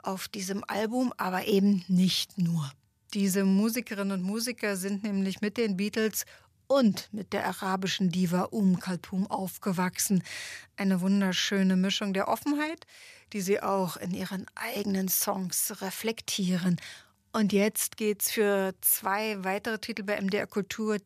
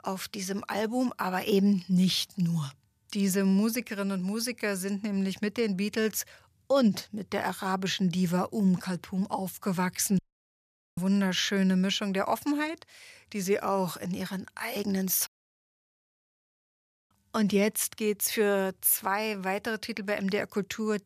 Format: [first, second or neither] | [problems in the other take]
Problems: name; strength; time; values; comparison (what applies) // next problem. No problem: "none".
first | audio cutting out; at 10 s for 1 s and at 15 s for 2 s